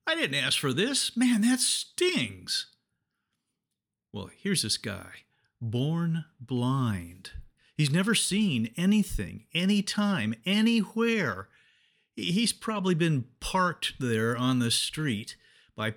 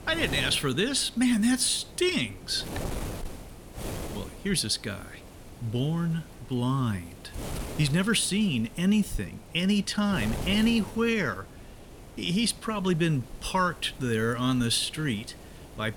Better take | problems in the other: first | wind noise on the microphone; occasional gusts; 15 dB below the speech

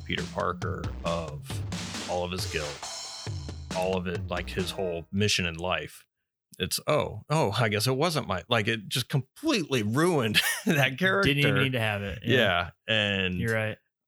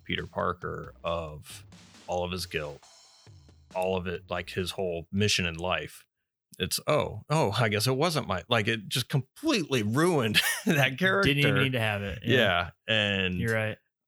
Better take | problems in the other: second | background music; loud; until 5 s; 10 dB below the speech; faint in the second

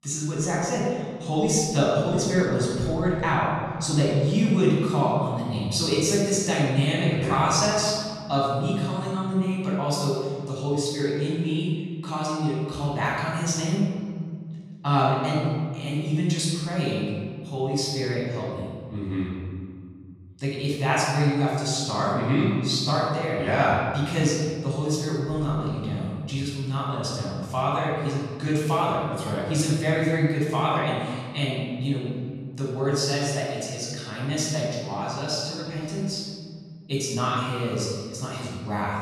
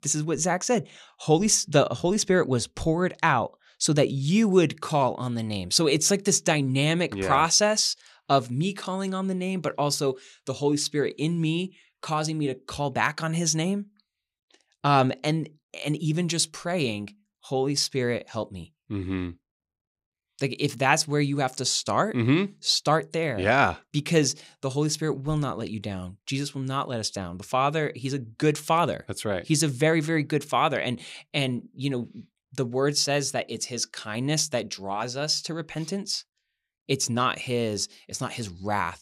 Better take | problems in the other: second | room echo; strong; dies away in 2.1 s // off-mic speech; far

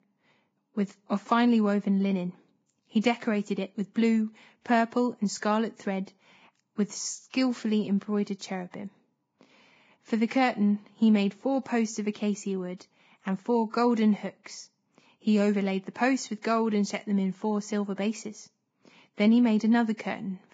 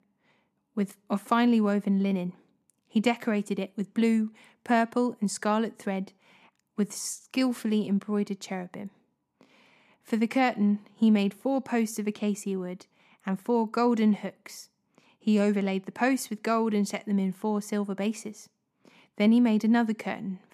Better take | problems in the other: second | garbled, watery; badly; nothing above 7.5 kHz

